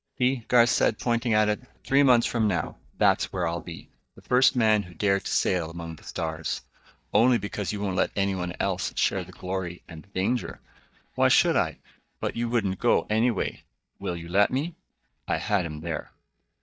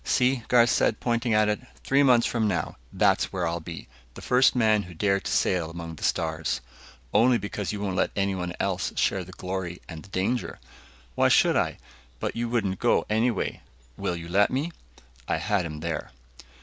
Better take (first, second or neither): second